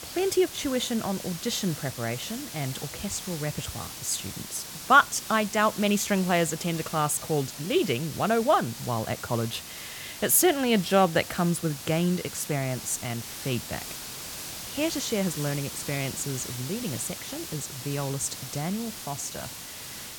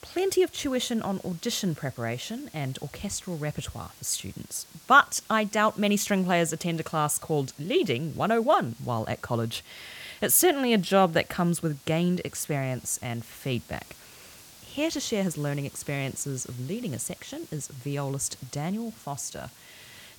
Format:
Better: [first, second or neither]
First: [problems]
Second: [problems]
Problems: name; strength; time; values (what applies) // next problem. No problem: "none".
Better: second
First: hiss; loud; throughout; 10 dB below the speech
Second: hiss; faint; throughout; 20 dB below the speech